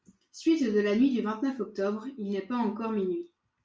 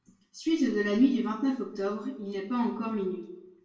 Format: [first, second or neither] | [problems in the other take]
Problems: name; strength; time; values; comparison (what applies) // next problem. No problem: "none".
first | room echo; dies away in 0.6 s